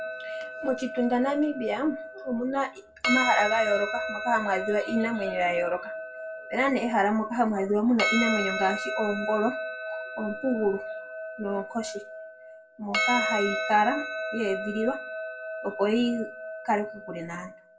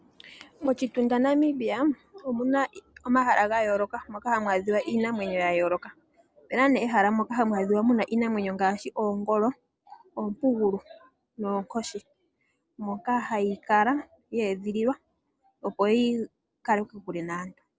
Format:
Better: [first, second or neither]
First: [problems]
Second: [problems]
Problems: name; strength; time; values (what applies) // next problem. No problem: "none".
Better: second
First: background sound (Percussion); 5 dB below the speech // room echo; dies away in 0.2 s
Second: none